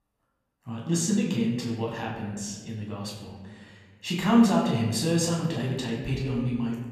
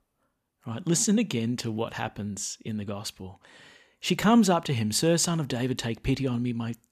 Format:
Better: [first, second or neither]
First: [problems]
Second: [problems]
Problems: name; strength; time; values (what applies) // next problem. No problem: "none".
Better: second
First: off-mic speech; far // room echo; noticeable; dies away in 1.4 s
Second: none